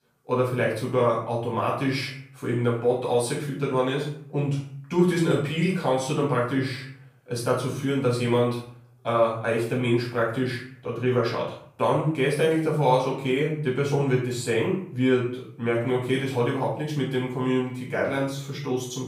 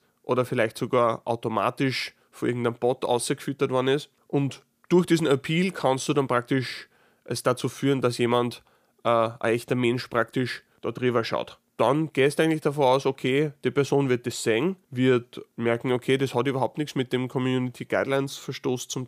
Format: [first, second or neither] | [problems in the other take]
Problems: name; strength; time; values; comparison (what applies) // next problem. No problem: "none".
second | off-mic speech; far // room echo; noticeable; dies away in 0.5 s